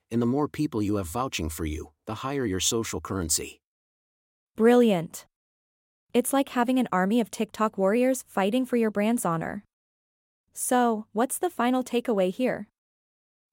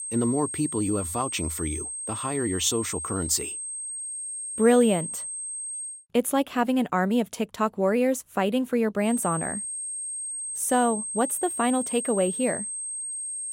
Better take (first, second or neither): first